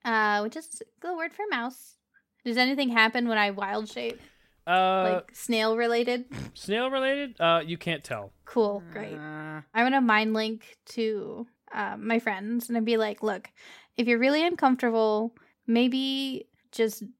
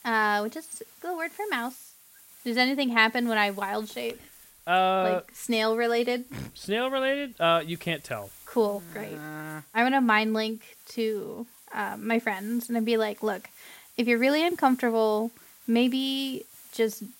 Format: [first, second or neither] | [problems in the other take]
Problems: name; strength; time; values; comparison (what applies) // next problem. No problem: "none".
first | hiss; faint; throughout; 25 dB below the speech